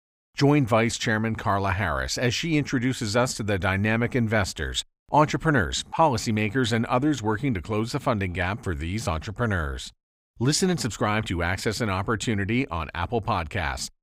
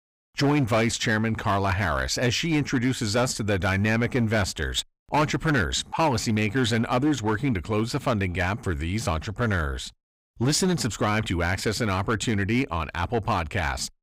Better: first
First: none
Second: distortion; slight; 7% of the sound clipped

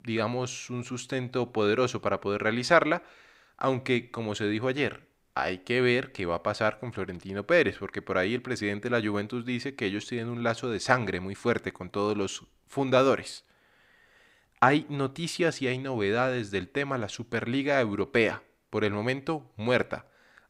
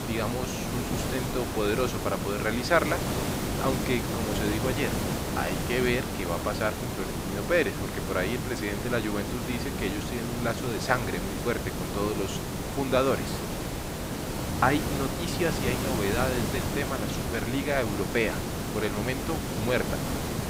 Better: first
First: none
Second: hiss; loud; throughout; 1 dB below the speech

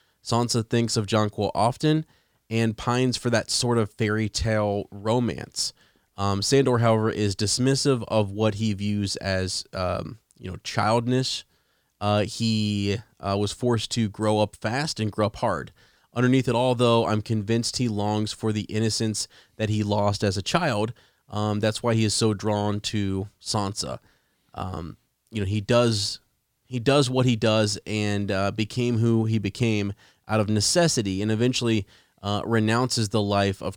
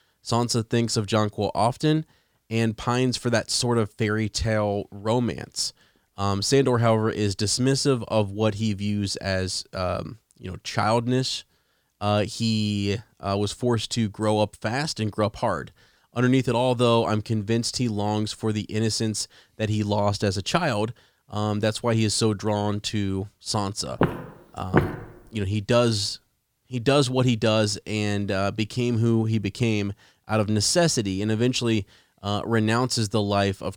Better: first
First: none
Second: footsteps; loud; at 24 s; peak level with the speech

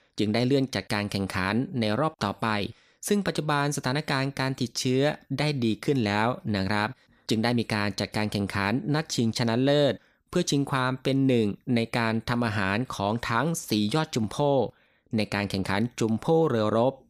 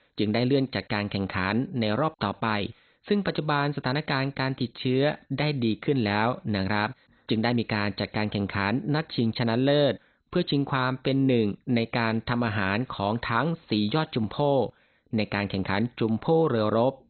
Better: first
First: none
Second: garbled, watery; badly; nothing above 4 kHz

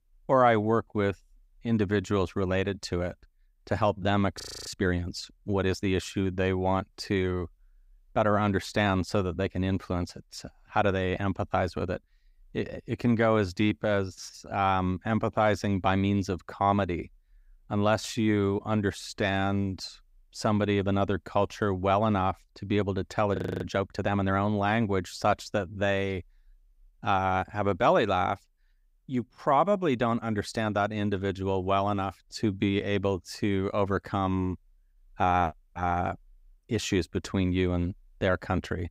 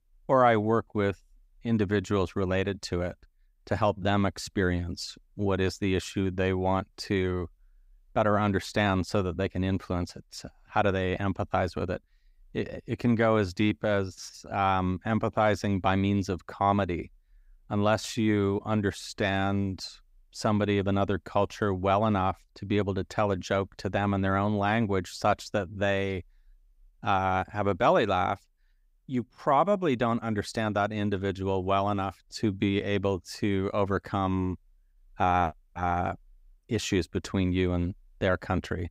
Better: second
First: audio freezing; at 4.5 s and at 23 s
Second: none

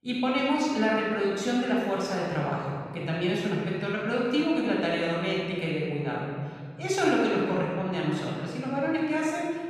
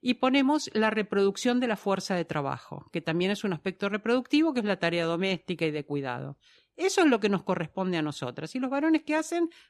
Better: second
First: off-mic speech; far // room echo; strong; dies away in 2.2 s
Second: none

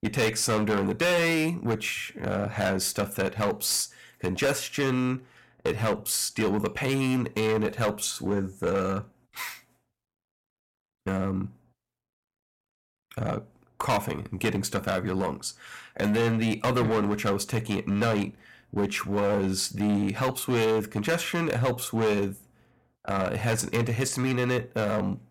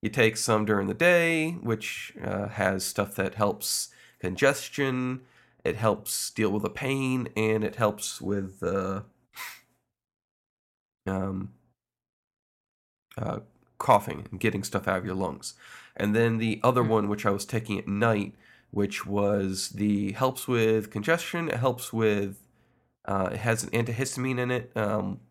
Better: second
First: distortion; heavy; 10% of the sound clipped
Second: none

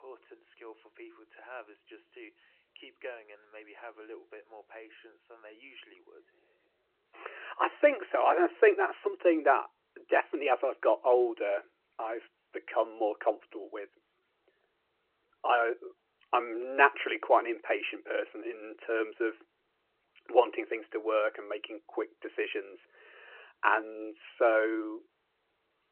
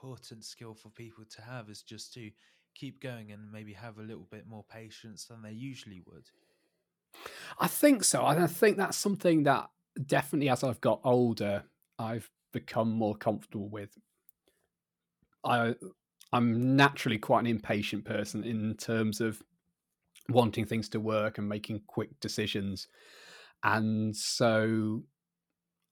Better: second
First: phone-call audio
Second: none

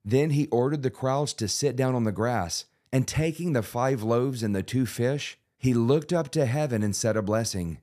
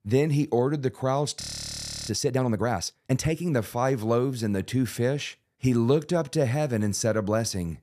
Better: first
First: none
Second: audio freezing; at 1.5 s for 0.5 s

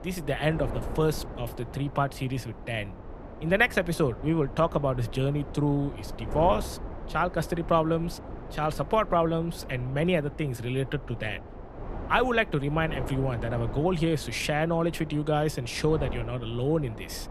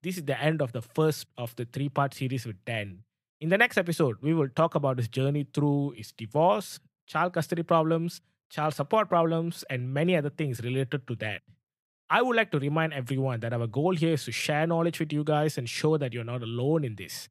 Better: second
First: wind noise on the microphone; occasional gusts; 15 dB below the speech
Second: none

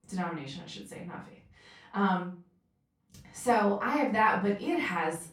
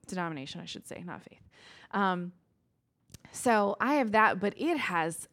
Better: second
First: off-mic speech; far // room echo; slight; dies away in 0.3 s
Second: none

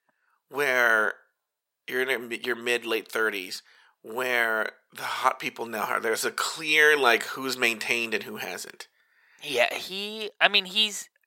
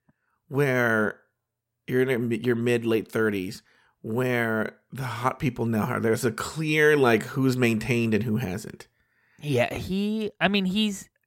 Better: second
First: thin; very; fading below 650 Hz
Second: none

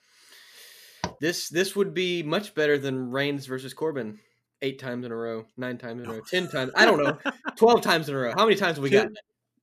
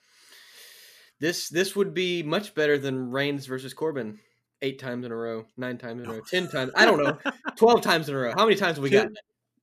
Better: second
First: door banging; faint; at 1 s; peak 10 dB below the speech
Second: none

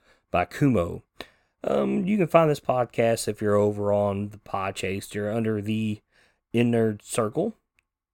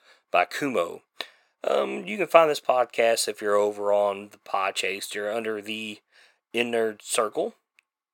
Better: first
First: none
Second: thin; somewhat; fading below 500 Hz

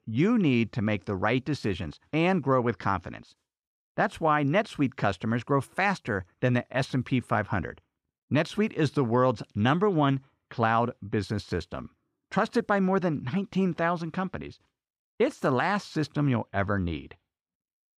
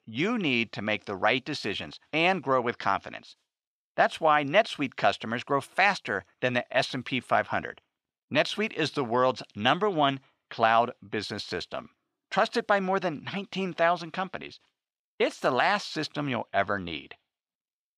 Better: first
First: none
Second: thin; somewhat; fading below 350 Hz

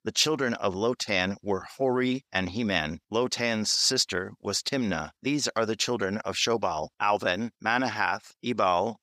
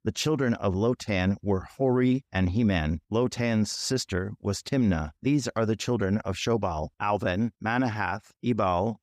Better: second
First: thin; very slightly; fading below 1 kHz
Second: none

